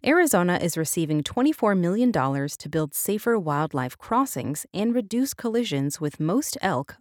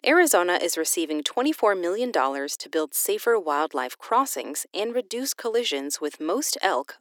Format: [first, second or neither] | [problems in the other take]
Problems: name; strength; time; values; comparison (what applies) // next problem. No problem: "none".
first | thin; somewhat; fading below 300 Hz